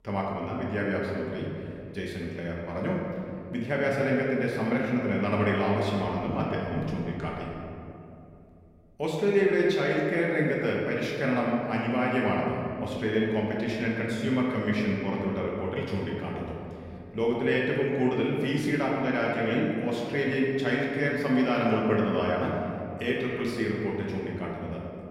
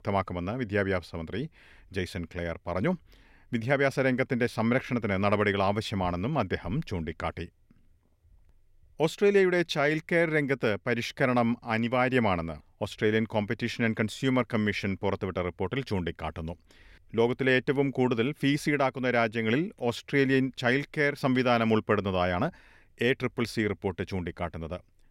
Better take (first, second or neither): second